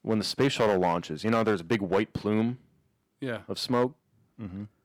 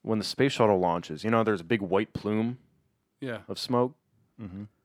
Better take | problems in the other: second | distortion; slight; 3% of the sound clipped

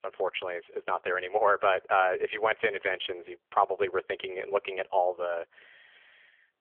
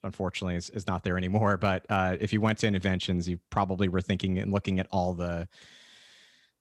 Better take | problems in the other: second | phone-call audio; nothing above 3.5 kHz

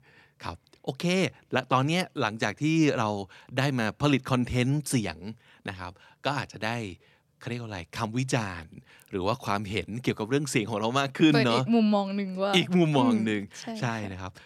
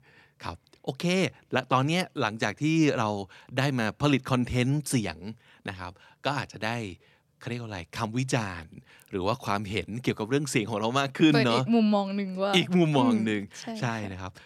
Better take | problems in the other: neither | none

